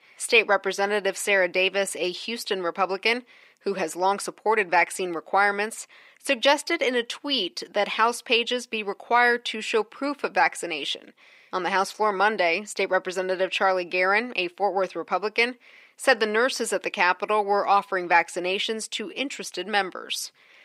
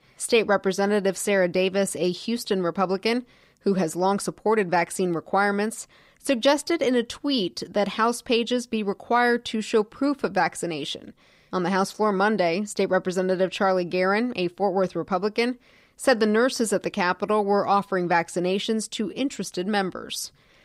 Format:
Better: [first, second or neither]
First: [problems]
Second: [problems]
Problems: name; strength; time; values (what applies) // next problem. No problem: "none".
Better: second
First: thin; somewhat; fading below 350 Hz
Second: none